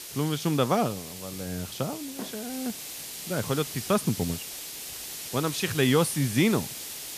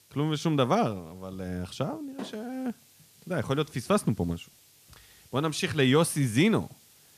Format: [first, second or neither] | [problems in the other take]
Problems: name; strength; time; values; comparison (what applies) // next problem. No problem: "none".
second | hiss; loud; throughout; 8 dB below the speech; faint in the second